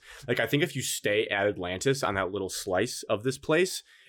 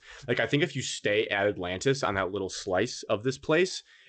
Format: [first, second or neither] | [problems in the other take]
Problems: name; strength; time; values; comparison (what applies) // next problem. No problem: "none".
first | garbled, watery; slightly; nothing above 8 kHz